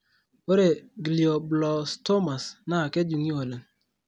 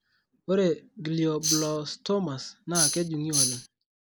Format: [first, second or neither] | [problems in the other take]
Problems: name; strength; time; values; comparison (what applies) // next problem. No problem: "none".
first | noise reduction (neural mask model Resemble Enhance denoiser)